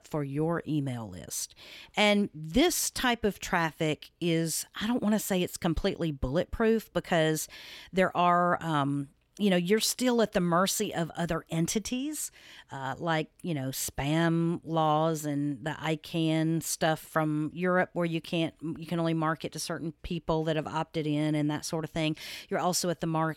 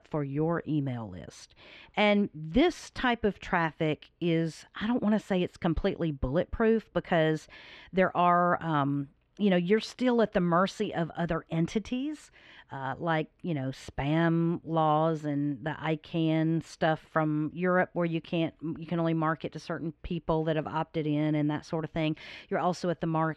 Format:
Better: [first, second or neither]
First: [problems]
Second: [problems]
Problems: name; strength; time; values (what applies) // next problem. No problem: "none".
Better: first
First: none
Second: muffled; slightly; fading above 2.5 kHz